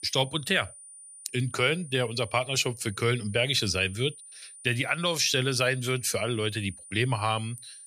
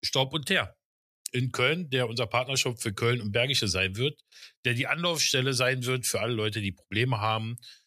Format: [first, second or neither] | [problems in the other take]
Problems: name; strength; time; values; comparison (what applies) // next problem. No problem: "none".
second | high-pitched whine; noticeable; throughout; 9.5 kHz, 20 dB below the speech